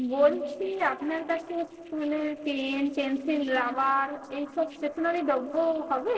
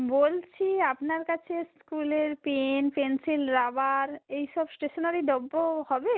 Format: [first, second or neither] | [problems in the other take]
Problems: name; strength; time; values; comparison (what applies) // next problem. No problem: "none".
second | noise reduction (neural separator model SepFormer DNS4)